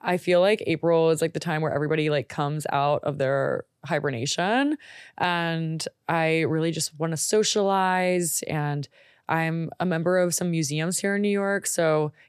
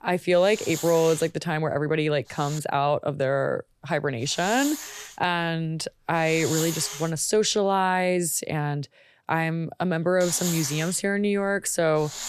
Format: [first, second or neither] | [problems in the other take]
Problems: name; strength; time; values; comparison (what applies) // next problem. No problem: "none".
first | hiss; loud; until 2.5 s, from 3.5 to 7.5 s and from 10 s on; 9 dB below the speech